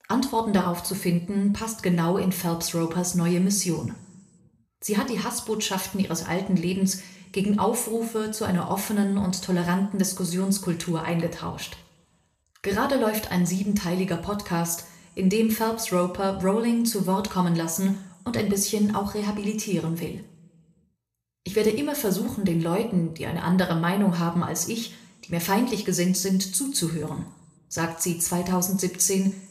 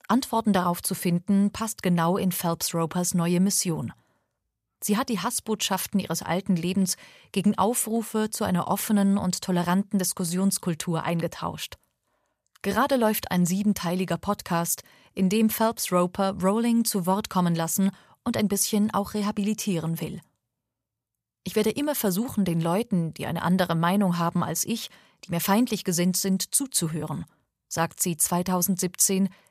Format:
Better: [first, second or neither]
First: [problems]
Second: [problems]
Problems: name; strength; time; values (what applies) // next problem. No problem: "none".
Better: second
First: room echo; slight; dies away in 0.6 s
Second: none